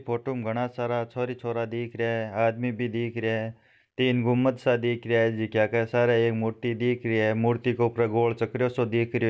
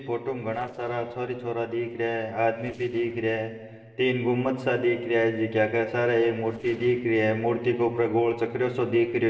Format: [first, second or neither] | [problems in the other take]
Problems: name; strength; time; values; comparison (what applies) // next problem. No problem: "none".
first | noise reduction (neural separator model SepFormer DNS4)